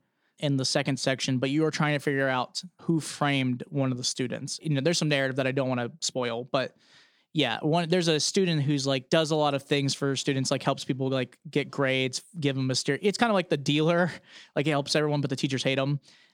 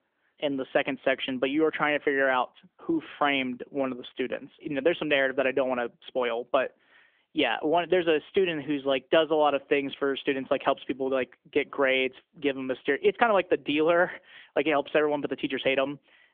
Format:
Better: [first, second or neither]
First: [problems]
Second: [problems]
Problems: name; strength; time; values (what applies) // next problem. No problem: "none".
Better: first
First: none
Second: phone-call audio; nothing above 3.5 kHz